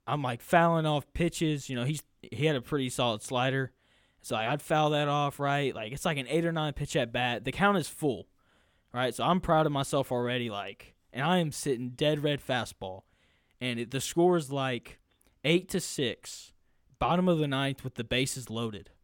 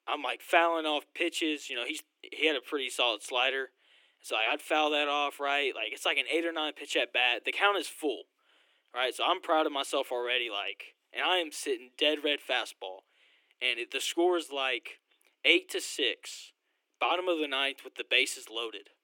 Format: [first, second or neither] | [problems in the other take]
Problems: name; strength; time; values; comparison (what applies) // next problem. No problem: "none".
first | thin; very; fading below 300 Hz